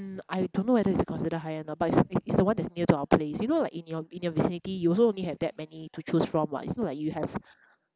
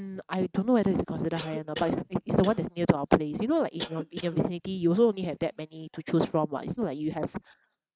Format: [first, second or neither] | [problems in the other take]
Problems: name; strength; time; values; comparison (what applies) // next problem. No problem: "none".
first | noise reduction (neural mask model RNNoise)